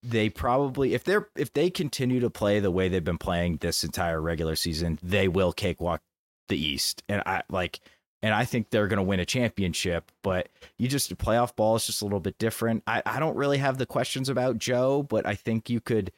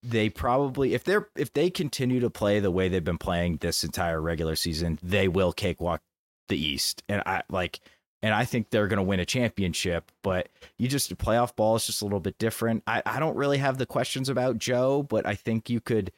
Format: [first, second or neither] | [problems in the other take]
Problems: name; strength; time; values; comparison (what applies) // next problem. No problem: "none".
neither | none